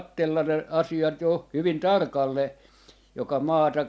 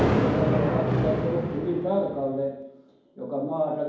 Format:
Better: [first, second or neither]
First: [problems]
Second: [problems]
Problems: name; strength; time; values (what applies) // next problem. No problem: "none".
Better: first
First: none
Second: background sound (Thunder); 1 dB above the speech // room echo; dies away in 1.2 s